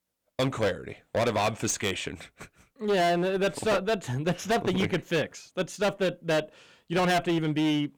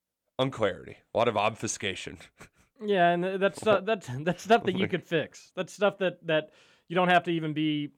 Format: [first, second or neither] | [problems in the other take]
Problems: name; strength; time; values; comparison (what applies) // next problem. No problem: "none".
second | distortion; heavy; 14% of the sound clipped